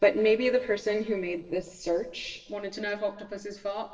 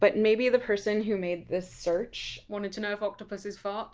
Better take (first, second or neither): second